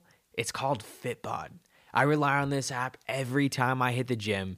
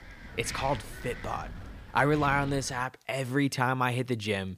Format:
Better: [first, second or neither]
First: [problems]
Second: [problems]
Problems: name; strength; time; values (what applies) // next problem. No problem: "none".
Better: first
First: none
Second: wind noise on the microphone; occasional gusts; until 3 s; 15 dB below the speech